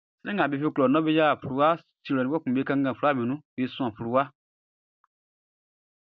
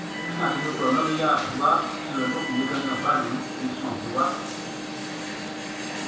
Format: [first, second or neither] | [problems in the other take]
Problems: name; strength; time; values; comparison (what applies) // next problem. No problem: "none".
first | background sound (Alarm); 5 dB below the speech // room echo; dies away in 0.7 s